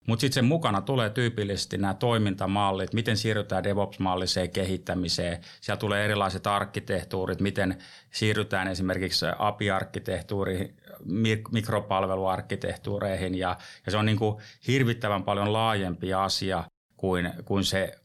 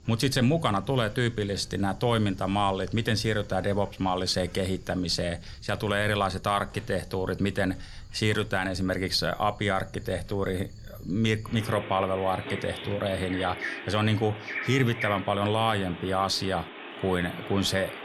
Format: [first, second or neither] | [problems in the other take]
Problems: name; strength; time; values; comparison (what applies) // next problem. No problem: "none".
first | animal sounds; noticeable; throughout; 15 dB below the speech